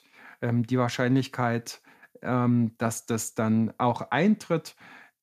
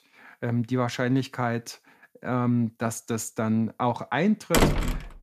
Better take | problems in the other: first | door banging; loud; at 4.5 s; peak 4 dB above the speech

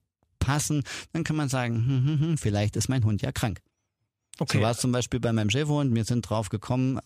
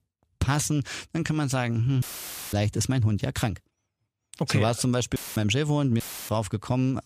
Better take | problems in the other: first | audio cutting out; filled with static; at 2 s for 0.5 s, at 5 s and at 6 s

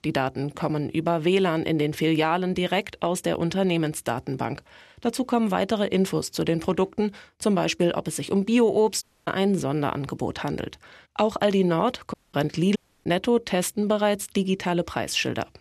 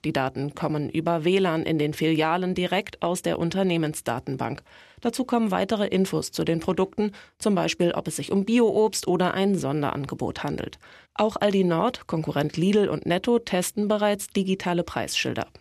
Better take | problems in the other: second | audio cutting out; at 9 s, at 12 s and at 13 s

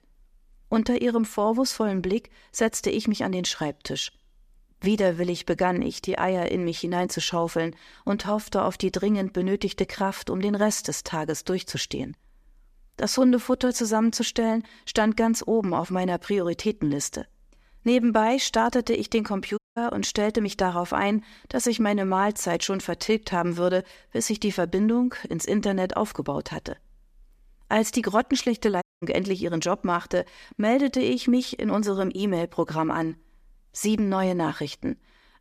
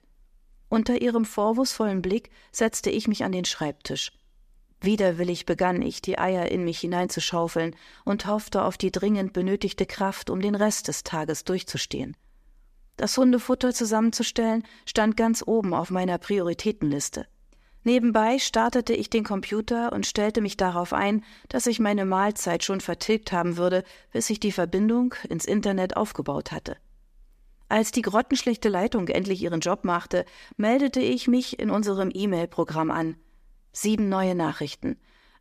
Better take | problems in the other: second | audio cutting out; at 20 s and at 29 s

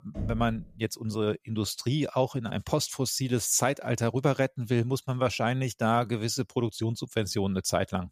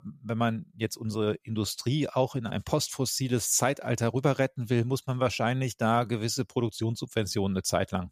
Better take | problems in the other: second | door banging; noticeable; at the start; peak 8 dB below the speech

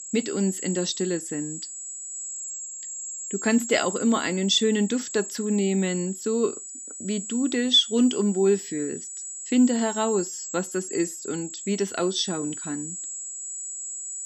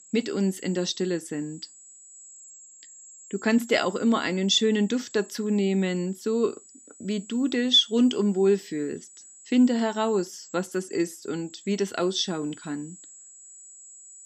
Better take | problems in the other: second | high-pitched whine; loud; throughout; 7.5 kHz, 8 dB below the speech; faint in the second

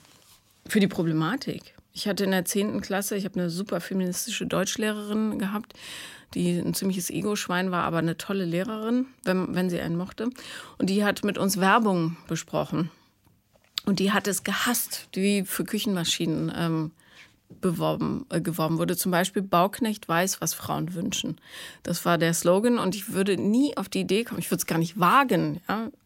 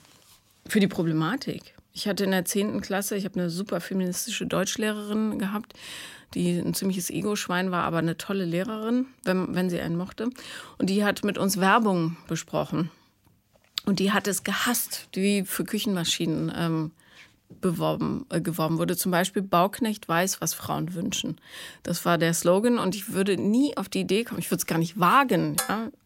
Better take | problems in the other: first | clattering dishes; noticeable; at 25 s; peak 3 dB below the speech

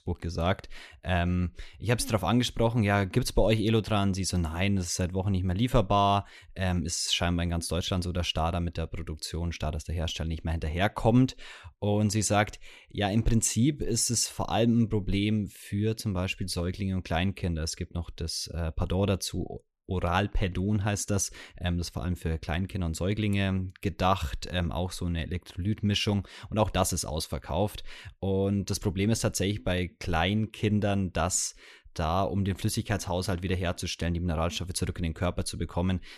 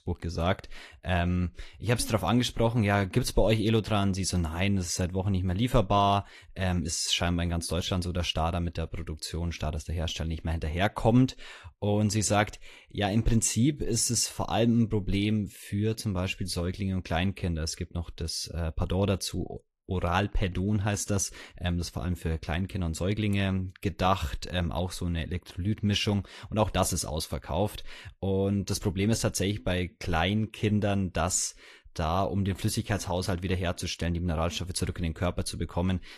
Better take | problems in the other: first | garbled, watery; slightly; nothing above 14 kHz

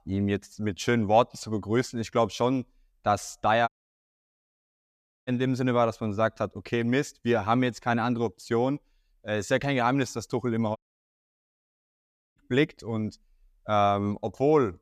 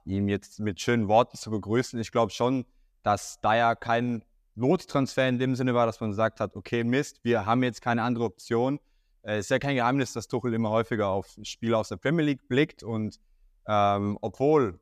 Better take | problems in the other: second | audio cutting out; at 3.5 s for 1.5 s and at 11 s for 1.5 s

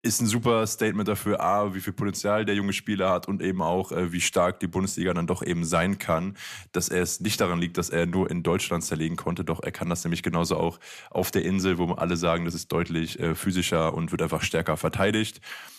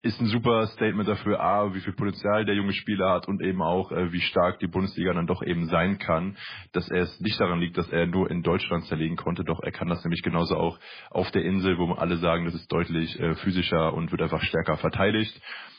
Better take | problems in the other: first | garbled, watery; badly

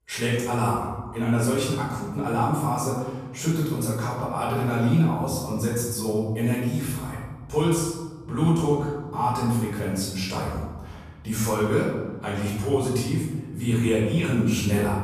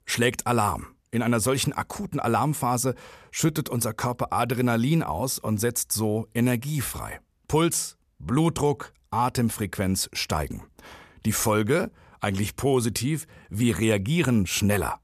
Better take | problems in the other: second | off-mic speech; far // room echo; noticeable; dies away in 1.3 s

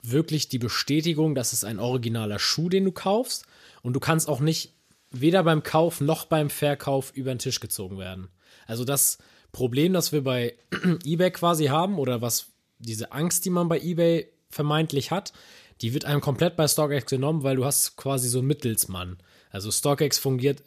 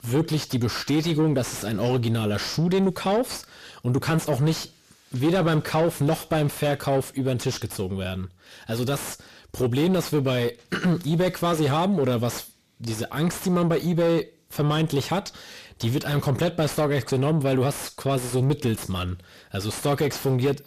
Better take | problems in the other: first | distortion; heavy; 7 dB below the speech

